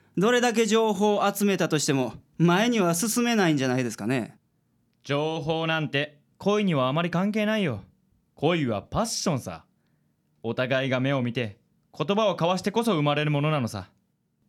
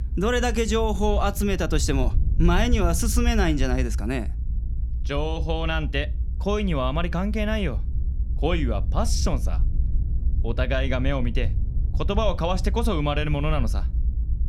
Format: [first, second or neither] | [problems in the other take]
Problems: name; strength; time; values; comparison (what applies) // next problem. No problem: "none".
first | low rumble; noticeable; throughout; 20 dB below the speech